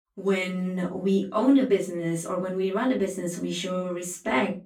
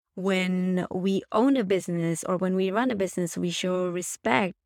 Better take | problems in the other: second | off-mic speech; far // room echo; very slight; dies away in 0.2 s

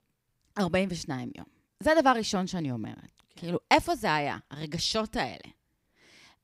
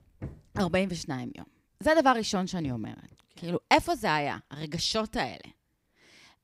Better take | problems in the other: first | machinery noise; noticeable; throughout; 15 dB below the speech

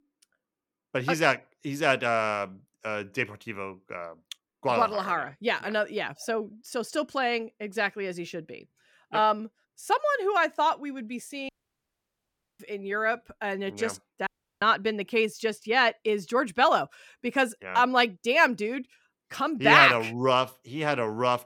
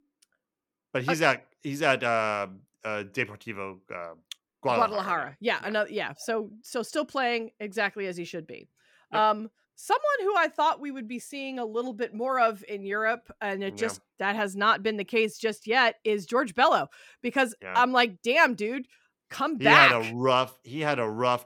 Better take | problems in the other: second | audio cutting out; at 11 s for 1 s and at 14 s

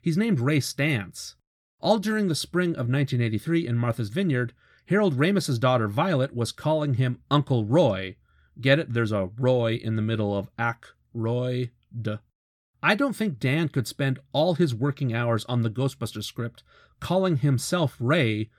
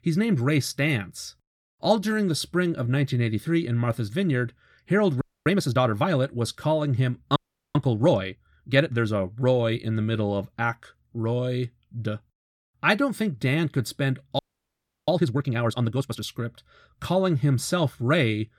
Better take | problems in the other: first | audio freezing; at 5 s, at 7.5 s and at 14 s for 0.5 s

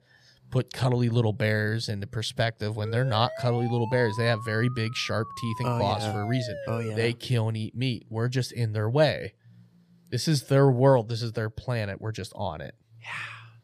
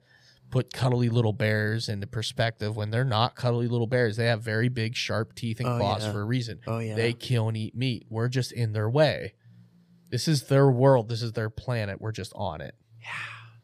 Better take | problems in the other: second | siren; noticeable; from 3 to 7 s; peak 10 dB below the speech

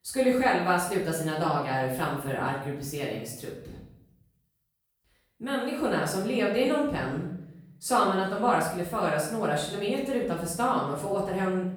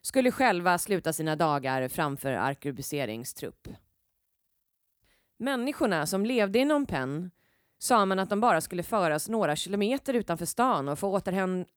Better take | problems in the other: second | off-mic speech; far // room echo; noticeable; dies away in 0.6 s

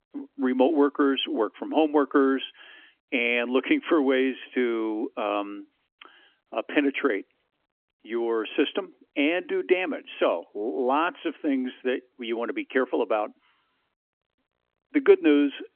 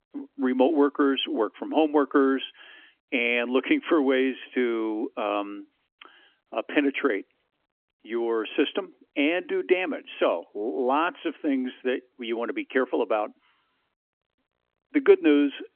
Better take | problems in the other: neither | phone-call audio; nothing above 3.5 kHz; the same in both

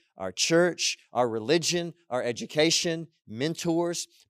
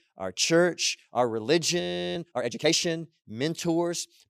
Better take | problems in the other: first | audio freezing; at 2 s

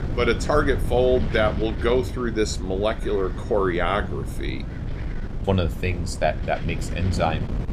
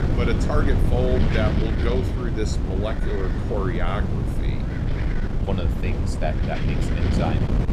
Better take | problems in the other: first | wind noise on the microphone; heavy; 2 dB below the speech; occasional gusts in the first

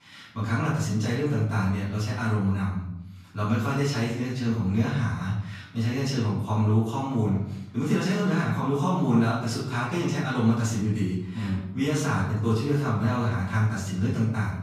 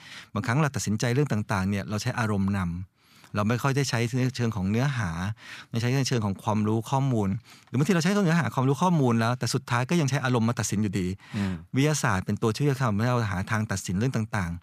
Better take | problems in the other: second | room echo; noticeable; dies away in 0.7 s // off-mic speech; far

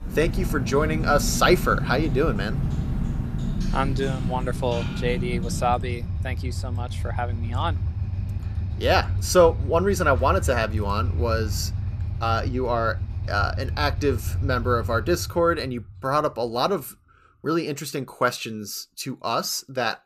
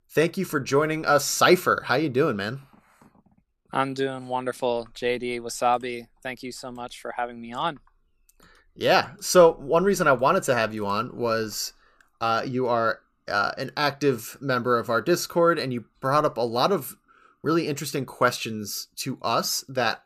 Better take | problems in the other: second | traffic noise; loud; until 15 s; 4 dB below the speech

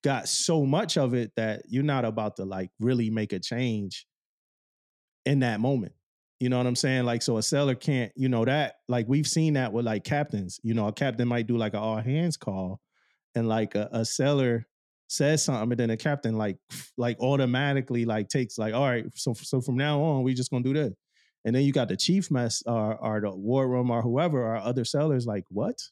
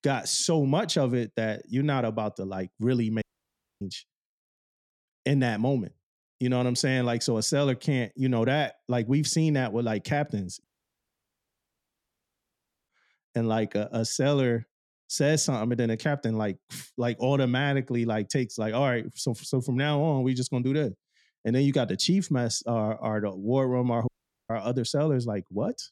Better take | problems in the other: first | audio cutting out; at 3 s for 0.5 s, at 11 s for 2.5 s and at 24 s

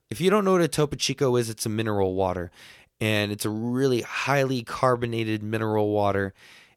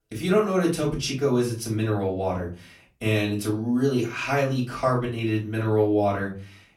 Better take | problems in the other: first | off-mic speech; far // room echo; slight; dies away in 0.3 s

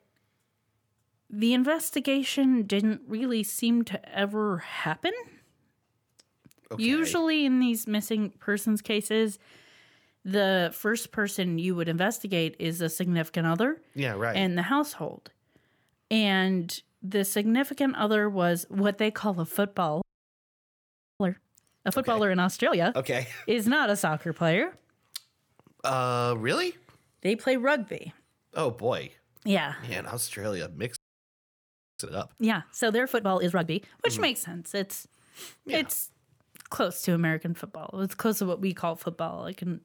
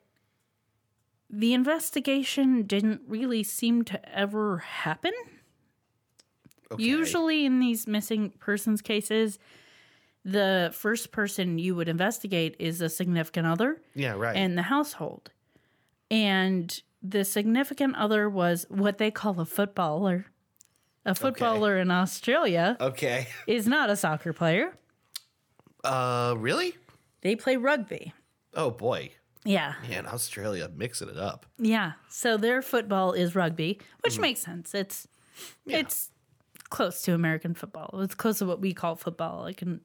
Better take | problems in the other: second | audio freezing; at 20 s for 1 s and at 31 s for 1 s

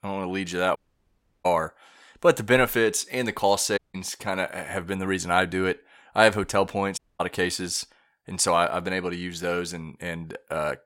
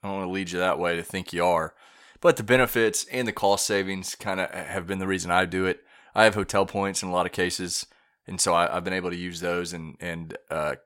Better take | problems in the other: second | audio cutting out; at 1 s for 0.5 s, at 4 s and at 7 s

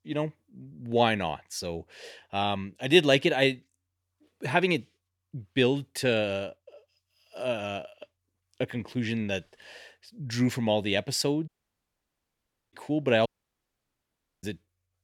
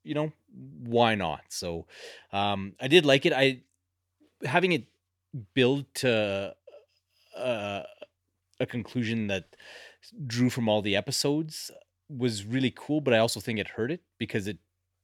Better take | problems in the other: second | audio cutting out; at 11 s for 1 s and at 13 s for 1 s

